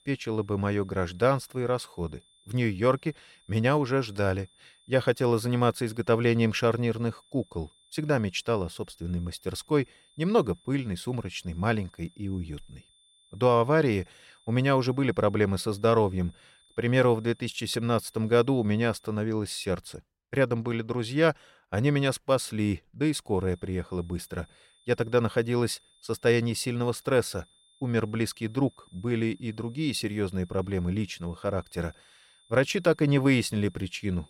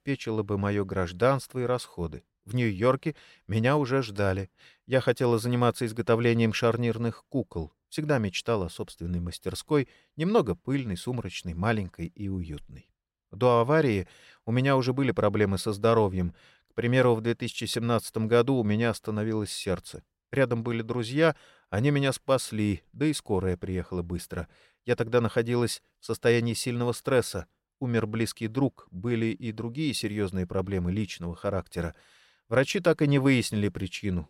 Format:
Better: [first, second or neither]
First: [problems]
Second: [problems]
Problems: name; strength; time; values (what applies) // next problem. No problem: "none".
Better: second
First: high-pitched whine; faint; until 19 s and from 23 s on; 3.5 kHz, 30 dB below the speech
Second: none